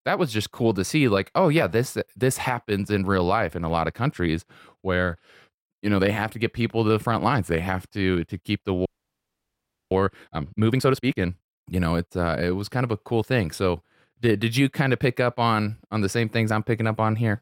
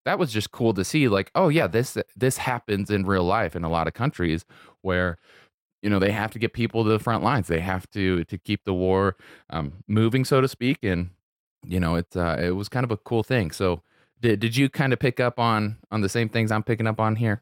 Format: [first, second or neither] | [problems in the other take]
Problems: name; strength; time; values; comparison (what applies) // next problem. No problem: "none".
second | audio freezing; at 9 s for 1 s